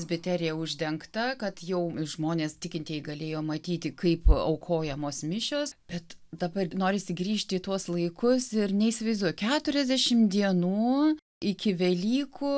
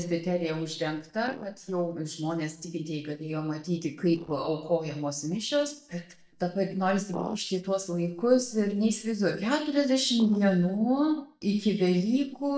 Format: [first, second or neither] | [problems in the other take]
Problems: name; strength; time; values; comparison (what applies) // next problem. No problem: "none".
first | noise reduction (neural mask model DeepFilterNet 3)